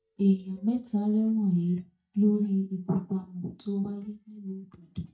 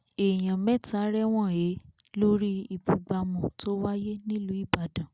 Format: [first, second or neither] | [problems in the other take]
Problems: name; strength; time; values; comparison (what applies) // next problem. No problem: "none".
second | noise reduction (neural mask model DeepFilterNet 3)